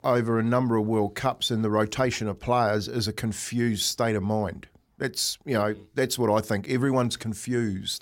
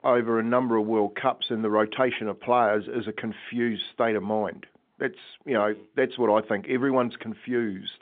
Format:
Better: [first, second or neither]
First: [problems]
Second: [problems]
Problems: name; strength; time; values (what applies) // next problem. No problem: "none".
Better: first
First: none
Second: phone-call audio